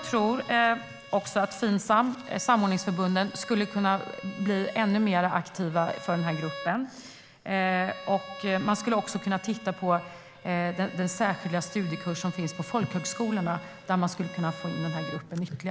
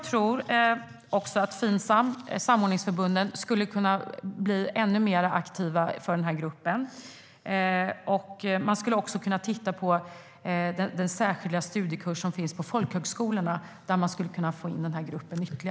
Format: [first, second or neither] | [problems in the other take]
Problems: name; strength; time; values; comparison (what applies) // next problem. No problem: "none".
second | background sound (Bowed string instrument); 16 dB below the speech